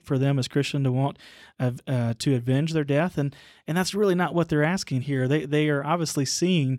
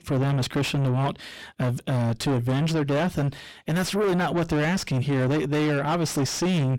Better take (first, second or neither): first